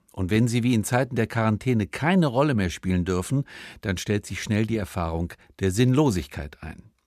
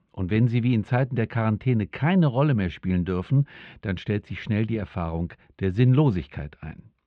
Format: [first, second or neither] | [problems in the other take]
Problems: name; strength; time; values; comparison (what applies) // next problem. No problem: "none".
first | muffled; very; fading above 3 kHz